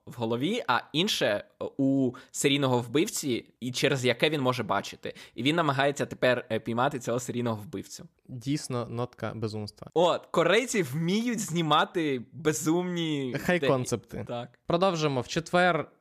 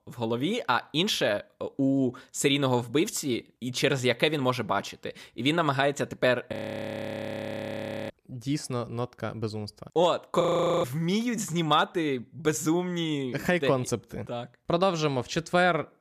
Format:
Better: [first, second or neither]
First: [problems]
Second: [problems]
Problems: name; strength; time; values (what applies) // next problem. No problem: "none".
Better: first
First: none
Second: audio freezing; at 6.5 s for 1.5 s and at 10 s